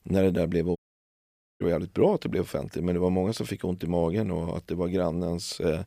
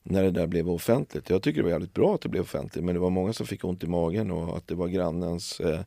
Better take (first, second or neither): second